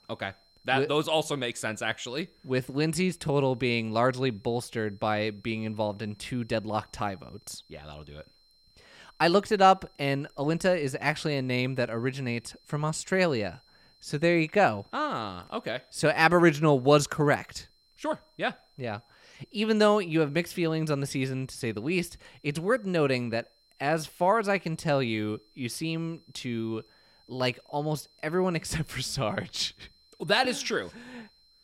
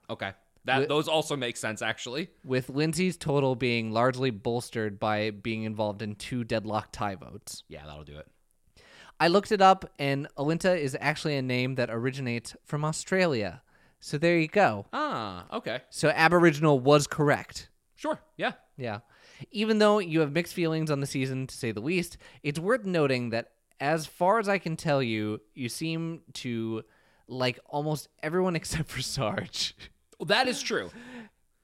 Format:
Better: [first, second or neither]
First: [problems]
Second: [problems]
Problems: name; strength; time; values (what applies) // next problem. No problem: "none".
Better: second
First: high-pitched whine; faint; throughout; 4 kHz, 35 dB below the speech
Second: none